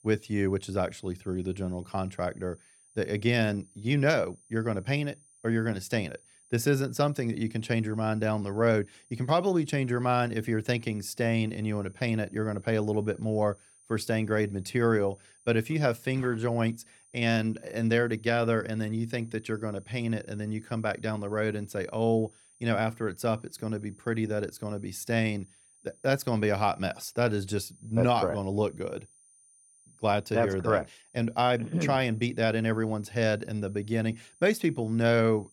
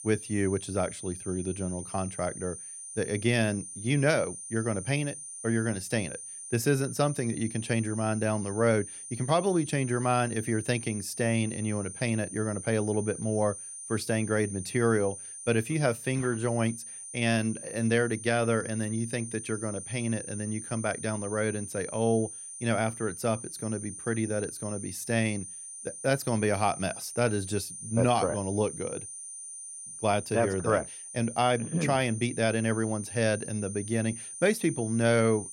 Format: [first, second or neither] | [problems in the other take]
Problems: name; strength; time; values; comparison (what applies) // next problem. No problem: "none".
first | high-pitched whine; loud; throughout; 9 kHz, 10 dB below the speech; faint in the first